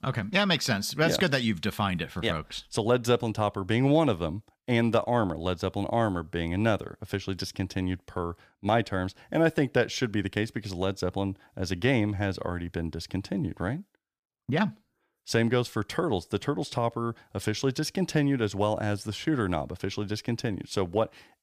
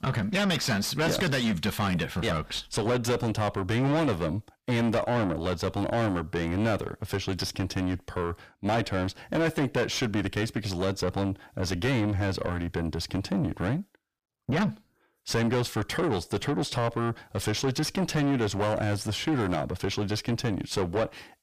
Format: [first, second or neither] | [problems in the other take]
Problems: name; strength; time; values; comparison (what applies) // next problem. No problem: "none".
first | distortion; heavy; 5 dB below the speech